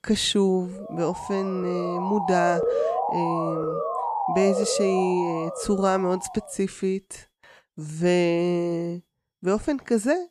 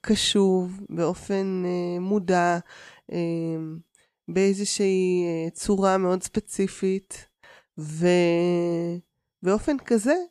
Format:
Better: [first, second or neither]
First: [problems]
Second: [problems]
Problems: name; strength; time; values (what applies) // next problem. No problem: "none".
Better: second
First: siren; loud; from 1 to 6.5 s; peak 1 dB above the speech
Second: none